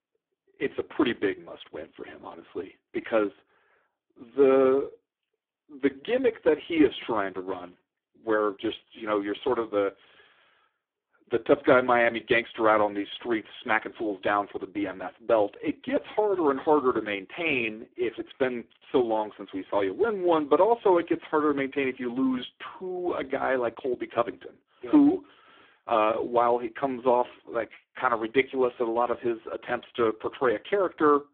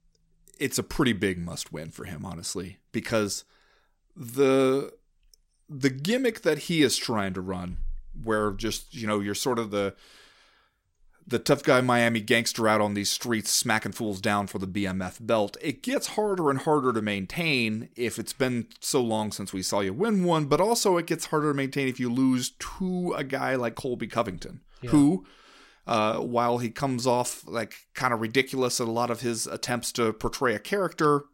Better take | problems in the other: second | phone-call audio; poor line

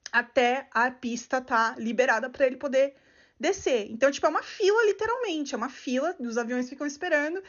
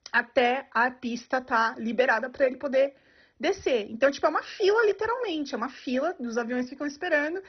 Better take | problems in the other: first | garbled, watery; badly; nothing above 6 kHz; slightly in the first

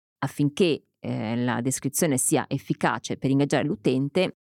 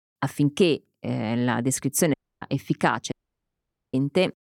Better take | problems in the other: first | audio cutting out; at 2 s and at 3 s for 1 s

